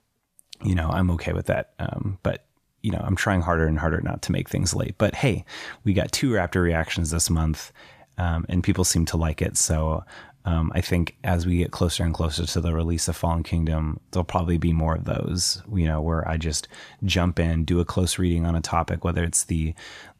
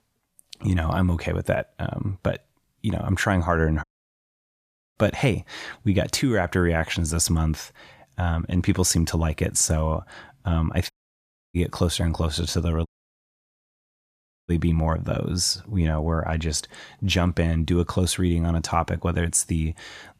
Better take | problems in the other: first | audio cutting out; at 4 s for 1 s, at 11 s for 0.5 s and at 13 s for 1.5 s

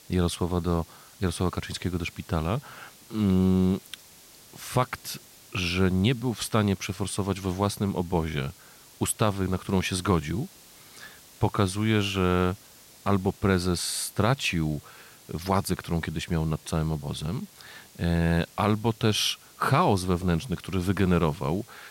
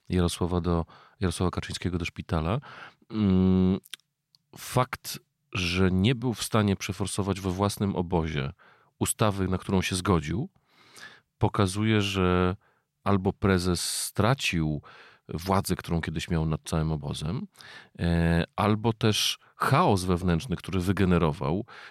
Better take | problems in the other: second | hiss; faint; throughout; 25 dB below the speech

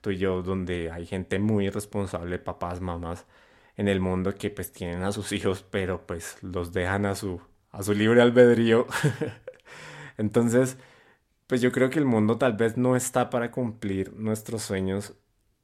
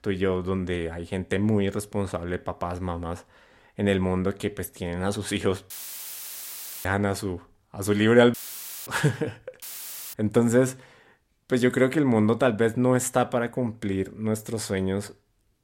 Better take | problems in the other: first | audio cutting out; filled with static; at 5.5 s for 1 s, at 8.5 s for 0.5 s and at 9.5 s for 0.5 s

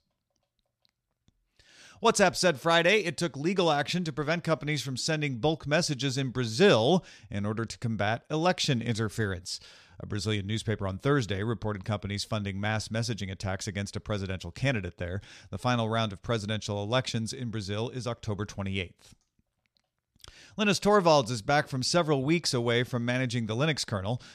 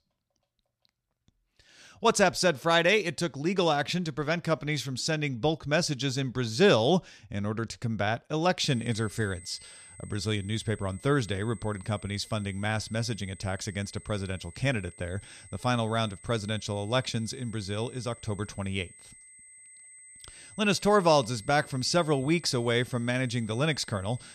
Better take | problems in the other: first | high-pitched whine; faint; from 8.5 s on; 8 kHz, 20 dB below the speech

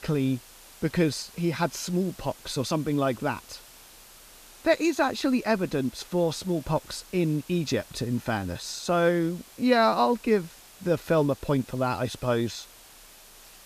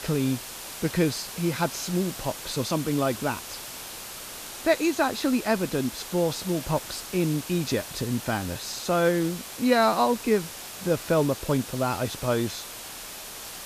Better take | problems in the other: first | hiss; loud; throughout; 10 dB below the speech; faint in the first

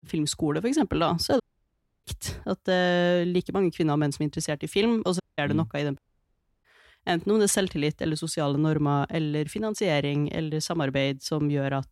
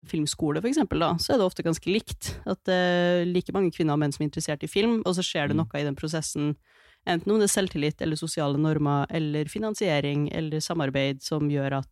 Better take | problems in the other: second | audio cutting out; at 1.5 s for 0.5 s, at 5 s and at 6 s for 0.5 s

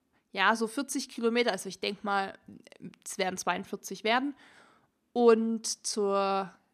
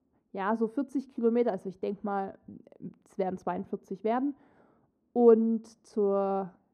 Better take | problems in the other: first | muffled; very; fading above 1.5 kHz

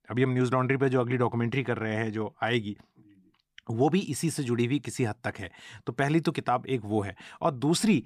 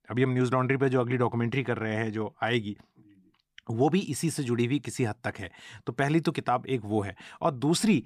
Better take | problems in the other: neither | none

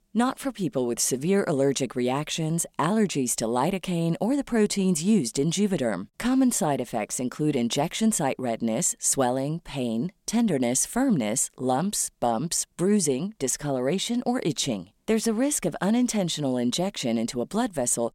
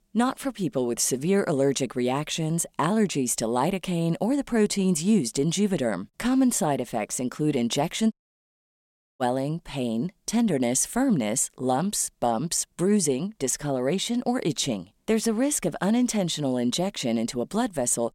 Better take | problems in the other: first | audio cutting out; at 8 s for 1 s

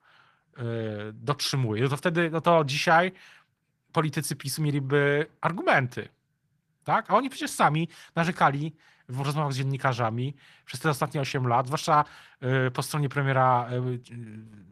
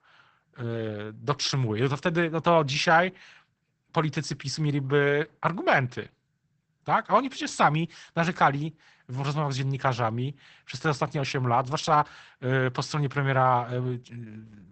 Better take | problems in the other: first | garbled, watery; badly; nothing above 8 kHz; slightly in the first

